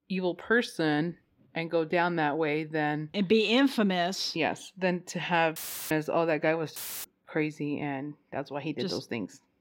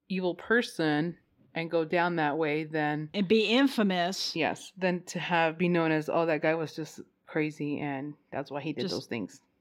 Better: second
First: audio cutting out; filled with static; at 5.5 s and at 7 s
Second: none

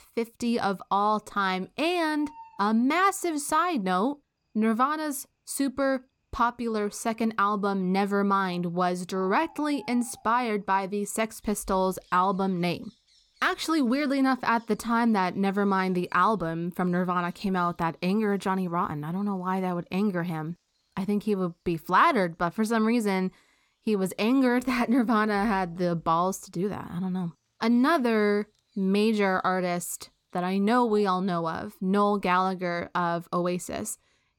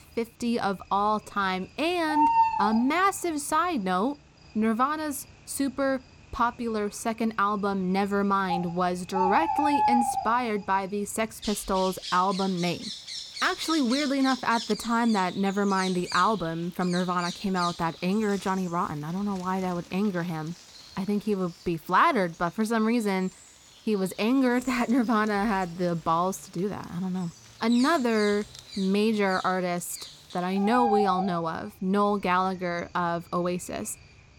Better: first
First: animal sounds; faint; throughout; 30 dB below the speech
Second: animal sounds; loud; throughout; 5 dB below the speech

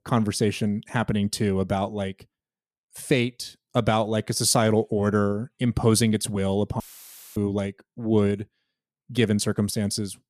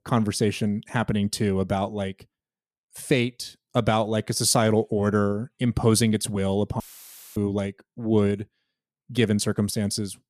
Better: neither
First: audio cutting out; filled with static; at 7 s for 0.5 s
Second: audio cutting out; filled with static; at 7 s for 0.5 s

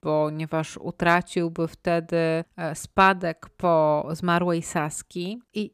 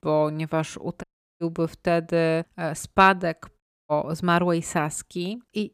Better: first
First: none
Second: audio cutting out; at 1 s and at 3.5 s

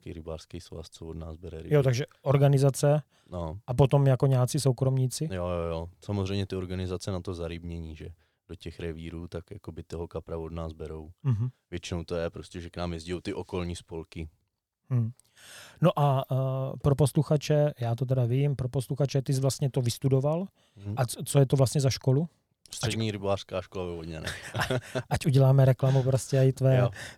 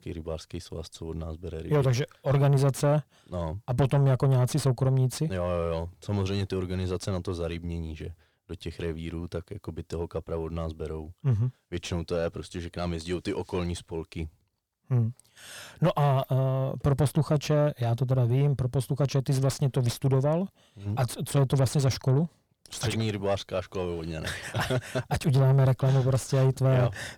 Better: first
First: none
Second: distortion; slight; 10 dB below the speech

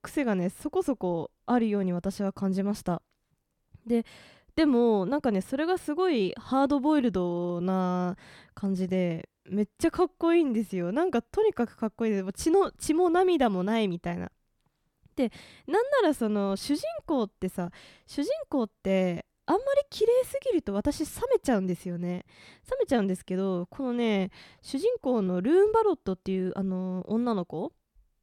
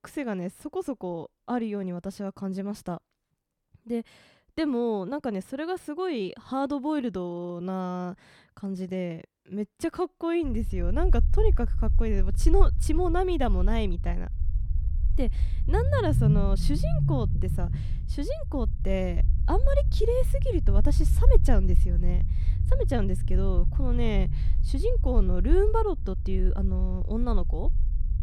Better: first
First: none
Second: low rumble; noticeable; from 10 s on; 10 dB below the speech

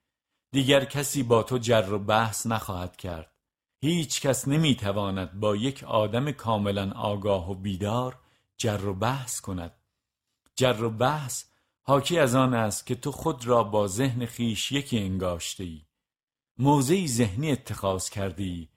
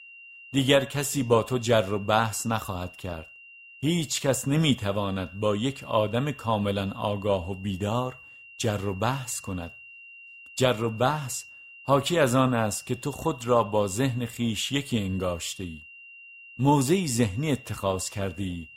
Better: first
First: none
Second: high-pitched whine; noticeable; throughout; 3 kHz, 20 dB below the speech

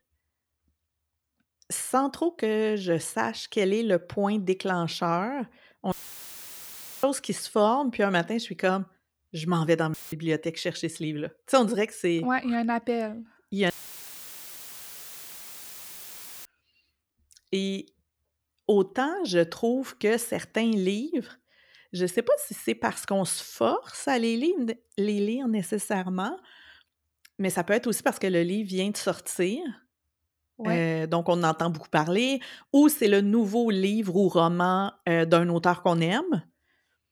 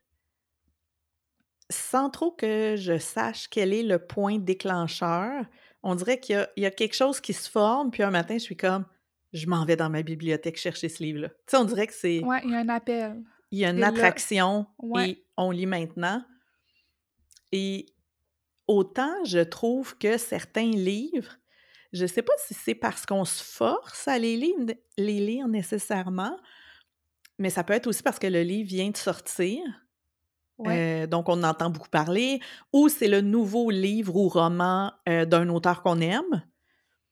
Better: second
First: audio cutting out; filled with static; at 6 s for 1 s, at 10 s and at 14 s for 3 s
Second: none

